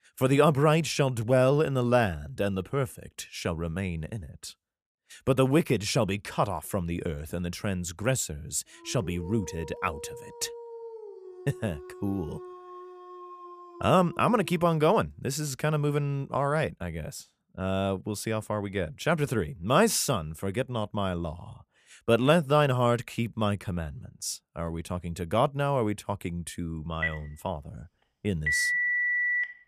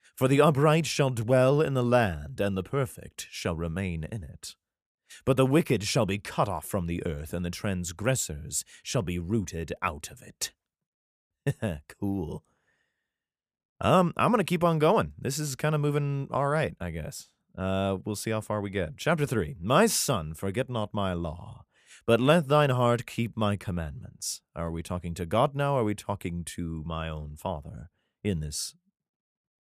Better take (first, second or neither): second